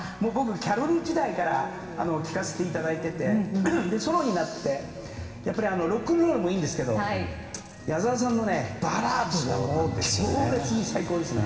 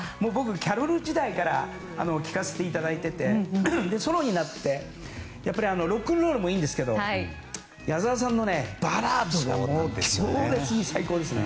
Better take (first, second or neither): second